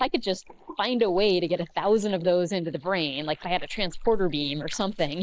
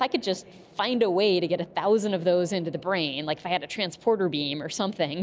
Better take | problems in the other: second | noise reduction (neural mask model Resemble Enhance denoiser)

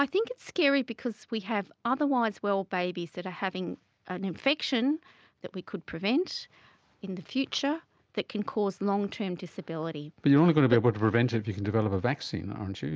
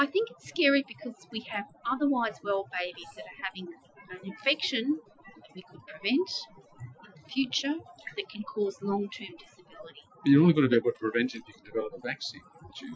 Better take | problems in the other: first | noise reduction (classical method Wiener filter)

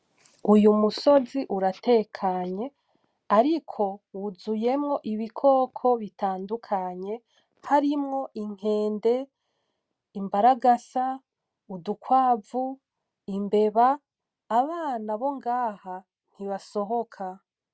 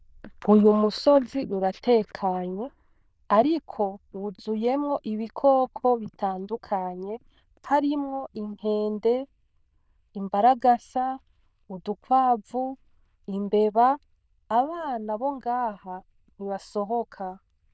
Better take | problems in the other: first | noise reduction (neural diffusion model UNIVERSE++)

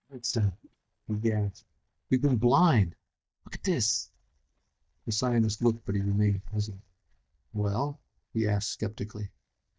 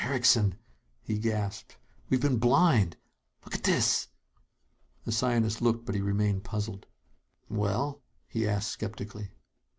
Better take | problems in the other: second | noise reduction (neural mask model DeepFilterNet 3)

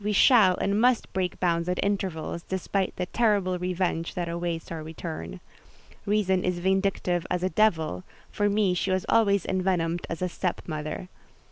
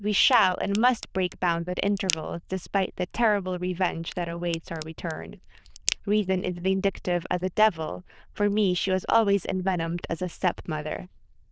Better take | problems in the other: first | noise reduction (neural diffusion model UNIVERSE++)

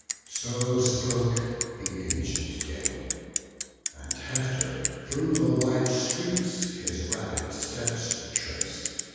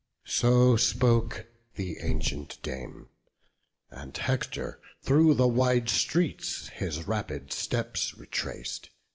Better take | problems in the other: second | background sound (Bicycle); 5 dB below the speech // room echo; dies away in 2.1 s

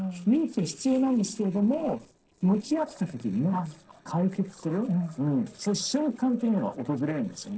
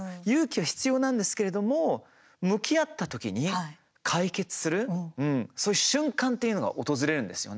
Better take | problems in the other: second | noise reduction (neural separator model SepFormer DNS4)

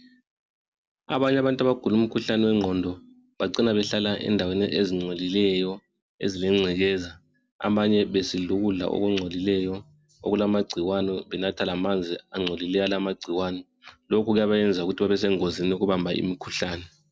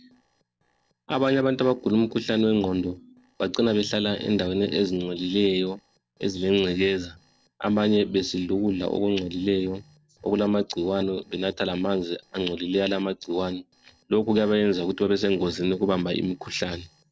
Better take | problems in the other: first | noise reduction (neural separator model SepFormer DNS4)

